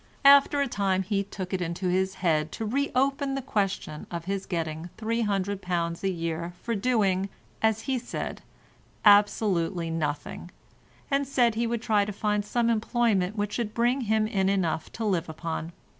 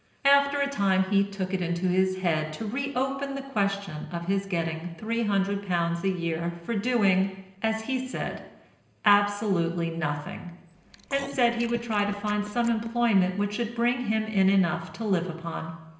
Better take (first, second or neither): first